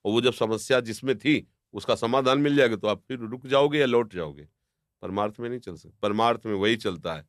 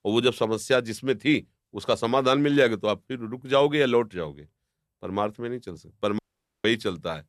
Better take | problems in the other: first | audio cutting out; at 6 s

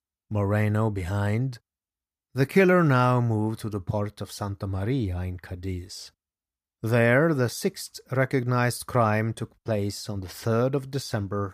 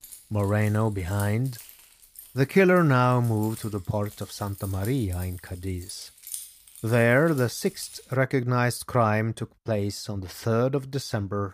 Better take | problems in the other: first | jangling keys; faint; until 8 s; peak 10 dB below the speech

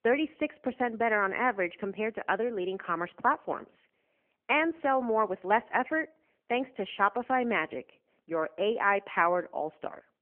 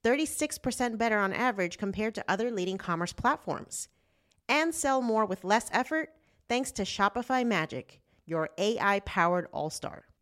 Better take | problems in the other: second | phone-call audio; nothing above 3 kHz

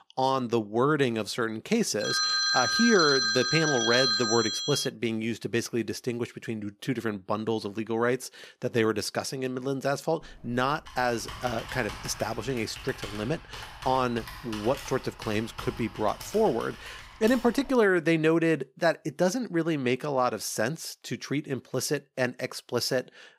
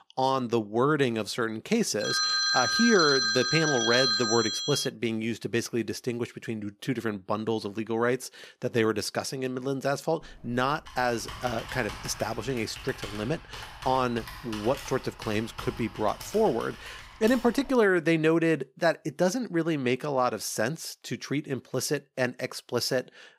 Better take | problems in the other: neither | phone ringing; loud; from 2 to 5 s; peak 5 dB above the speech; the same in both // keyboard typing; faint; from 10 to 18 s; peak 10 dB below the speech; the same in both

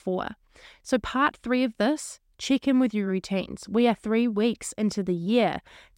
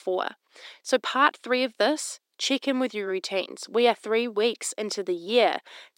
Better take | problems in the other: first | thin; somewhat; fading below 350 Hz

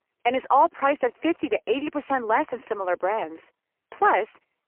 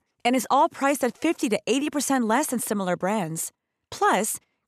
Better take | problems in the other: second | phone-call audio; poor line; nothing above 3 kHz

